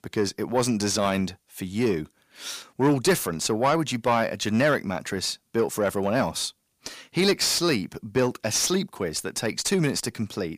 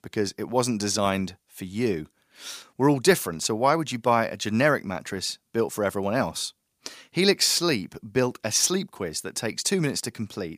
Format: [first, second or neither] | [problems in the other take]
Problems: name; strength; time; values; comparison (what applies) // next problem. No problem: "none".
second | distortion; slight; 10 dB below the speech